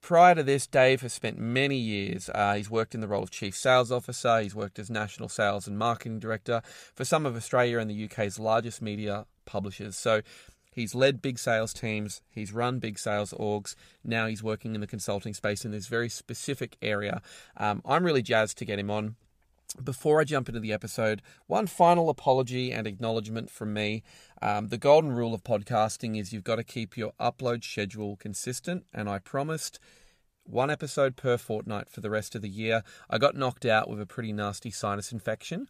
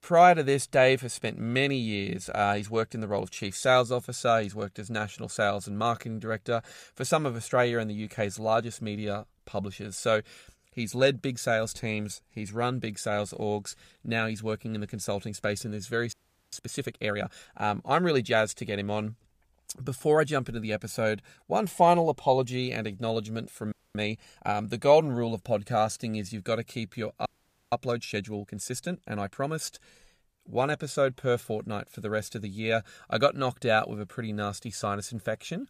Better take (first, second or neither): first